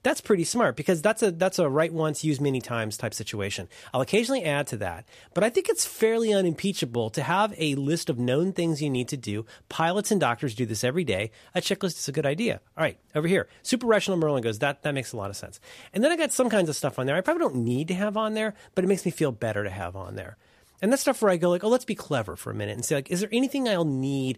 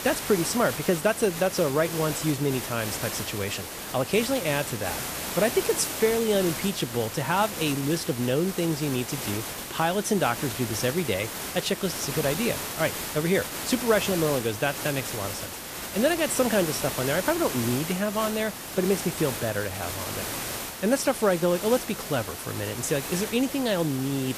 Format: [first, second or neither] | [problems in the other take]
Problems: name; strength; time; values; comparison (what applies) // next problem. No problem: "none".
first | hiss; loud; throughout; 6 dB below the speech